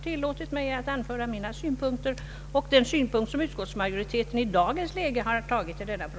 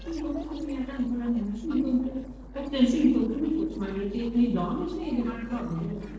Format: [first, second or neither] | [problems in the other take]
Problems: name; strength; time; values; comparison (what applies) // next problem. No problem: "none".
first | noise reduction (neural separator model SepFormer DNS4)